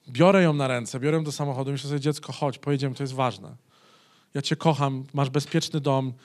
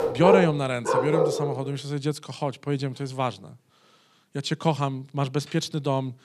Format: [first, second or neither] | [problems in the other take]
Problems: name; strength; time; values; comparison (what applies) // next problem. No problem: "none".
first | animal sounds; very loud; until 1.5 s; 2 dB above the speech